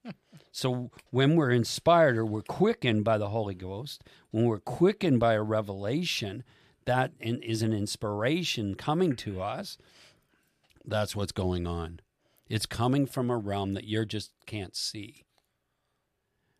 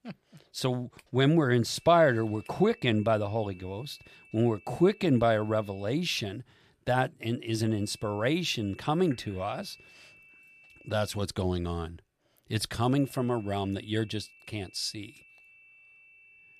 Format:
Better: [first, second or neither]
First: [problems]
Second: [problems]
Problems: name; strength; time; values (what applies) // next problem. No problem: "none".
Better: first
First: none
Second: high-pitched whine; faint; from 2 to 6 s, from 7.5 to 11 s and from 13 s on; 2.5 kHz, 25 dB below the speech